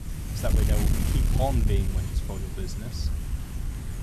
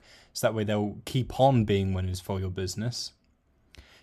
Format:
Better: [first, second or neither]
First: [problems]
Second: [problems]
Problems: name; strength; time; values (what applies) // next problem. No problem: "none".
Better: second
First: wind noise on the microphone; heavy; 3 dB below the speech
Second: none